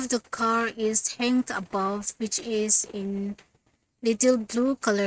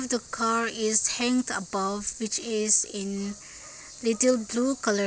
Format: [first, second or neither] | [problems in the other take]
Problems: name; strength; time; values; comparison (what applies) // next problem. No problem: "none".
second | noise reduction (neural mask model RNNoise)